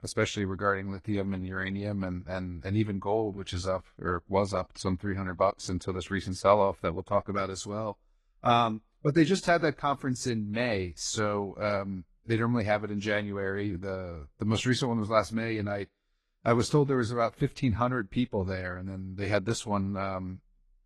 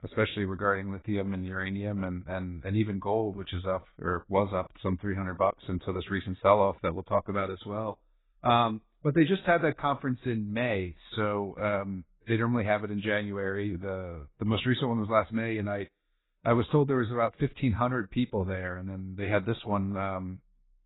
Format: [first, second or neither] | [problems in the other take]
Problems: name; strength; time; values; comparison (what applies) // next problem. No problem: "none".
first | garbled, watery; badly; nothing above 4 kHz; slightly in the first